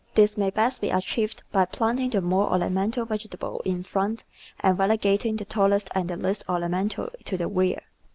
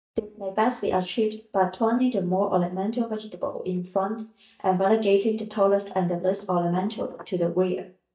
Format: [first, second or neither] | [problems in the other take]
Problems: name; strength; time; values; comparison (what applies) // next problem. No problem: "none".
first | noise reduction (neural mask model DeepFilterNet 3)